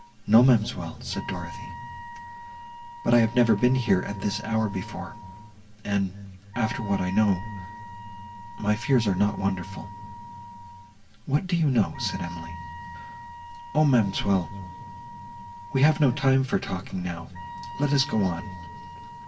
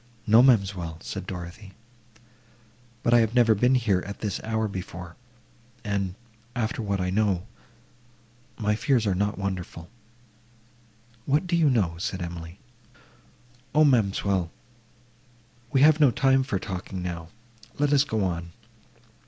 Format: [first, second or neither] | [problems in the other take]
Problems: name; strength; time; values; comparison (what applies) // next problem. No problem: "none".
second | background sound (Wind instrument, woodwind instrument); 15 dB below the speech // room echo; dies away in 2.7 s